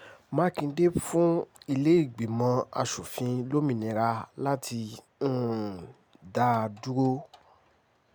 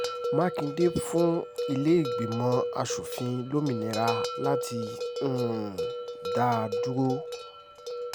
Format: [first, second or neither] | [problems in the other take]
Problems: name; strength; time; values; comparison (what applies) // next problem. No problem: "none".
first | background sound (Bell); 4 dB below the speech